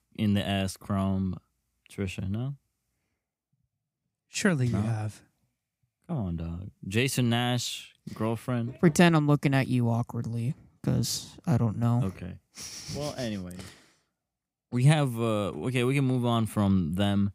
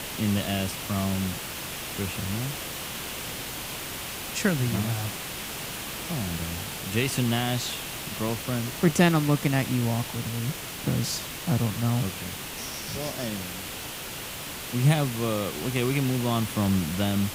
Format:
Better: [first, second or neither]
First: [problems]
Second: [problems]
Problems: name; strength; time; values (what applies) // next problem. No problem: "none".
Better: first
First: none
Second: hiss; loud; throughout; 6 dB below the speech